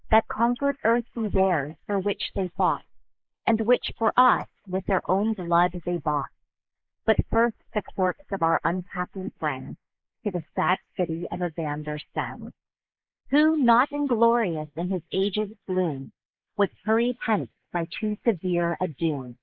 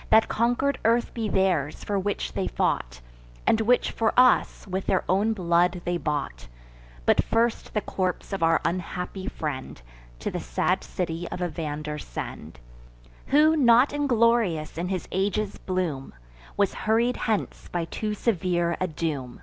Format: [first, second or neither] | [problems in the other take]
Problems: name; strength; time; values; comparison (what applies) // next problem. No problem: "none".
second | noise reduction (neural mask model Resemble Enhance denoiser)